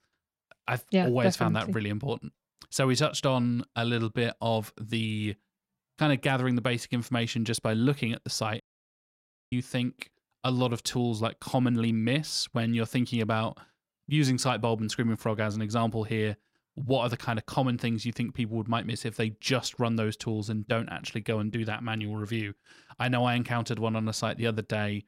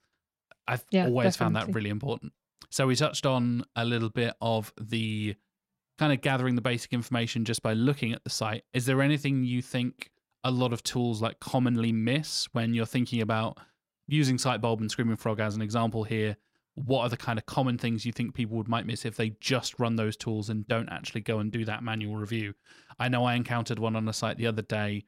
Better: second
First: audio cutting out; at 8.5 s for 1 s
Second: none

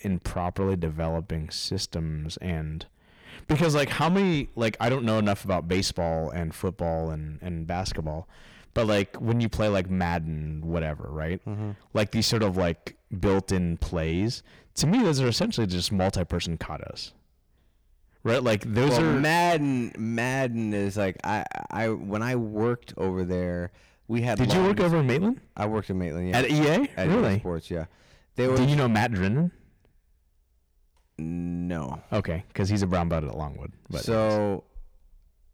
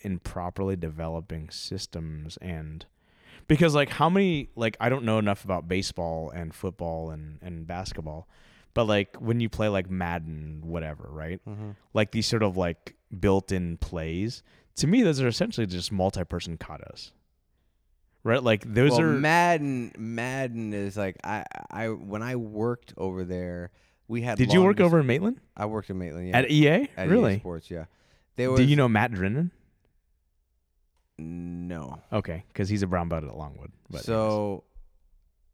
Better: second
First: distortion; heavy; 7 dB below the speech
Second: none

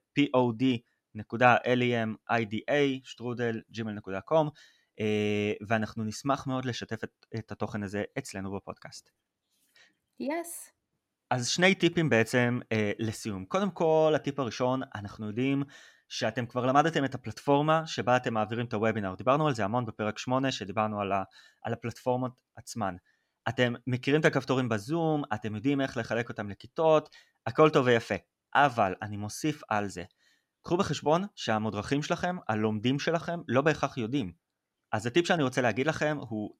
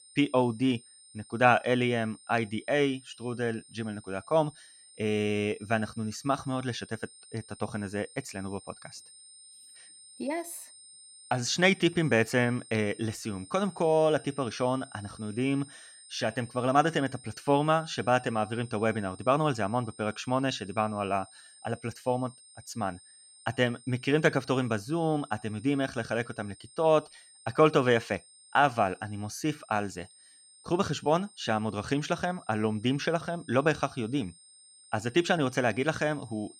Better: first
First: none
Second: high-pitched whine; faint; throughout; 8.5 kHz, 20 dB below the speech

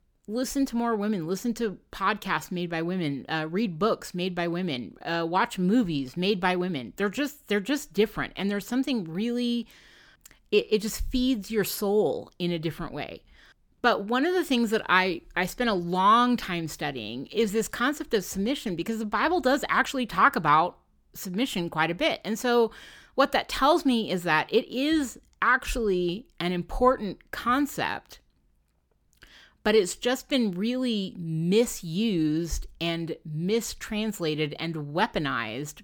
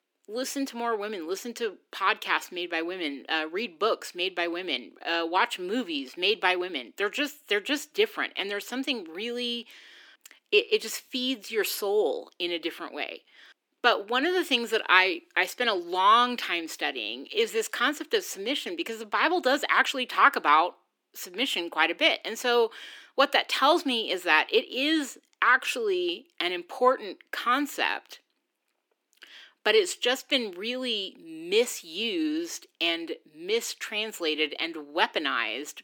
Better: first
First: none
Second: thin; somewhat; fading below 300 Hz

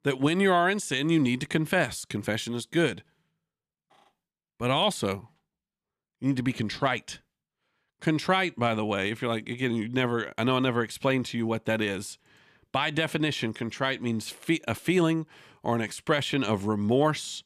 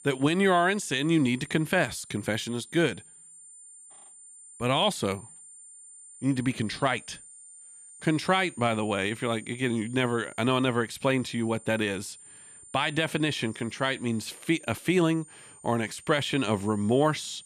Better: first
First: none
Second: high-pitched whine; noticeable; throughout; 9 kHz, 20 dB below the speech

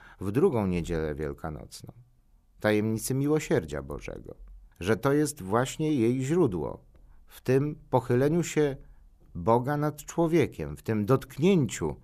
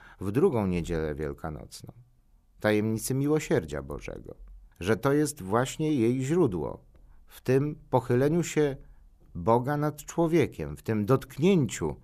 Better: neither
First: none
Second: none

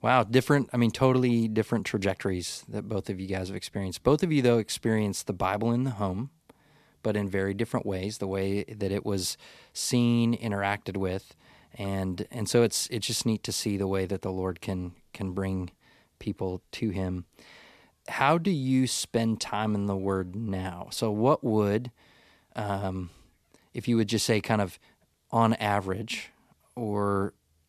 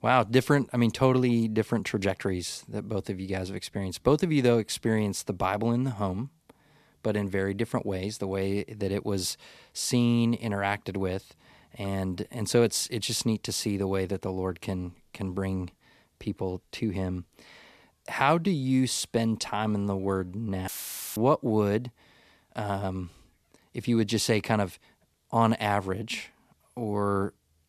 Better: first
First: none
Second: audio cutting out; filled with static; at 21 s

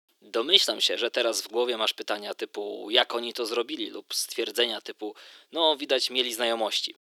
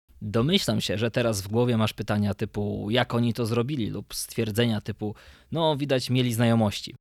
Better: second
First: thin; very; fading below 350 Hz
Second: none

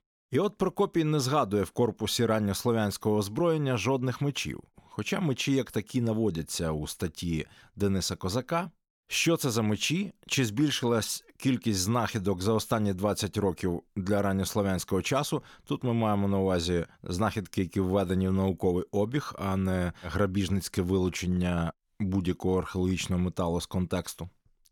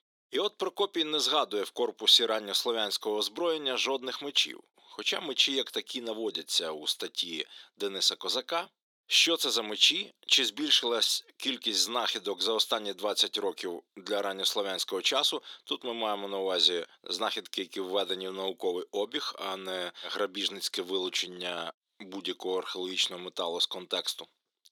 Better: first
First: none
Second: thin; somewhat; fading below 350 Hz

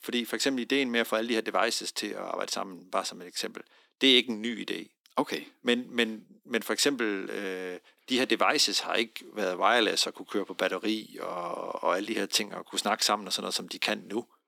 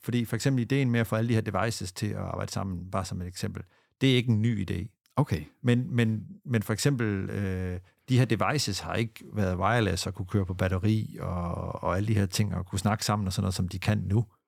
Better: second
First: thin; somewhat; fading below 250 Hz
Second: none

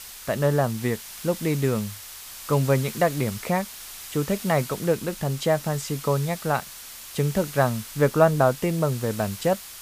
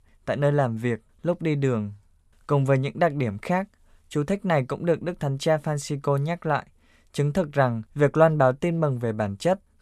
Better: second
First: hiss; noticeable; throughout; 10 dB below the speech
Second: none

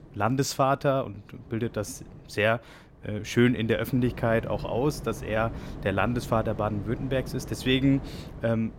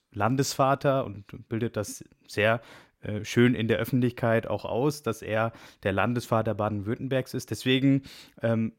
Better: second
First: wind noise on the microphone; occasional gusts; 20 dB below the speech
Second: none

